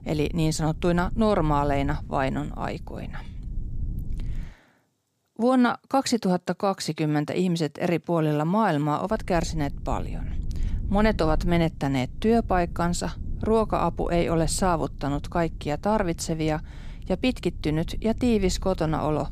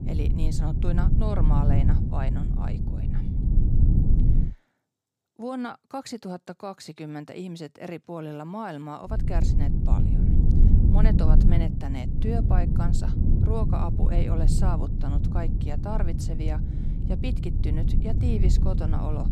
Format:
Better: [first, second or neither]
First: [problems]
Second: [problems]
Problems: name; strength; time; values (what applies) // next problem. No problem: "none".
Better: first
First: low rumble; faint; until 4.5 s and from 9 s on; 25 dB below the speech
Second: low rumble; loud; until 4.5 s and from 9 s on; 1 dB below the speech